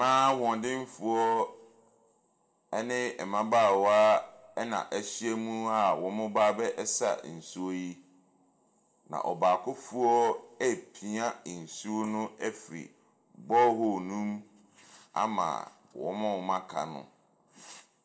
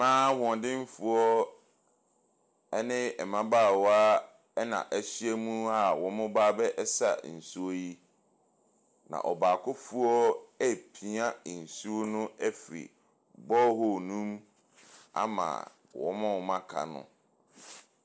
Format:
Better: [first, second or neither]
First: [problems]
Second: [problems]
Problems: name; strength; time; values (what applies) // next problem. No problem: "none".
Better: second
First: room echo; dies away in 0.4 s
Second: none